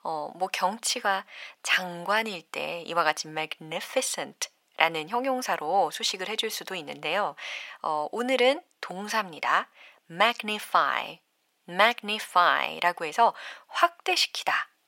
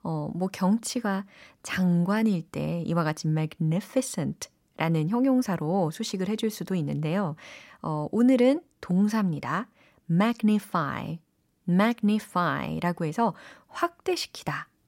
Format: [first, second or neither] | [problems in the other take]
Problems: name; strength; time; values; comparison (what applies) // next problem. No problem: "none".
second | thin; very; fading below 700 Hz